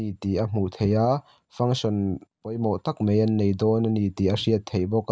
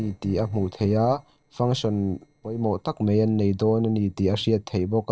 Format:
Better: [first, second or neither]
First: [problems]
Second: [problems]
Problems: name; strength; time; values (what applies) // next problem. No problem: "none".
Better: first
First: none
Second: noise reduction (neural separator model SepFormer DNS4)